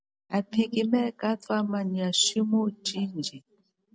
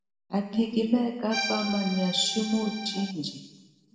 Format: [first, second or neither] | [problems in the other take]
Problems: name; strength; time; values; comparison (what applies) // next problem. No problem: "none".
first | background sound (Accordion); 6 dB below the speech // room echo; dies away in 1.1 s